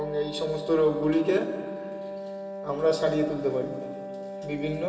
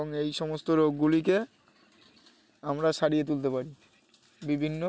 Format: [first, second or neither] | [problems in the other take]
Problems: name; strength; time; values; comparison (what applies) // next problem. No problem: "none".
second | background sound (Wind instrument, woodwind instrument); 8 dB below the speech // room echo; dies away in 2.5 s